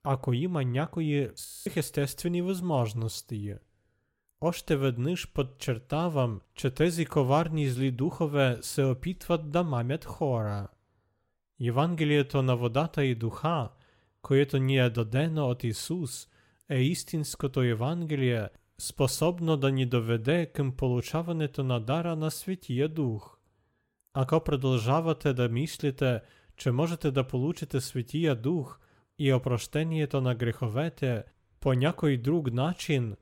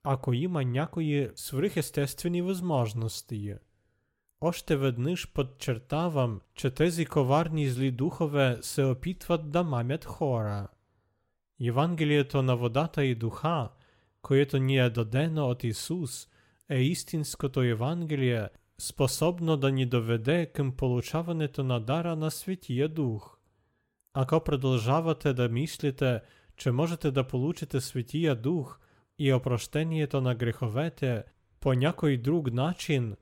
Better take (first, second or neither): second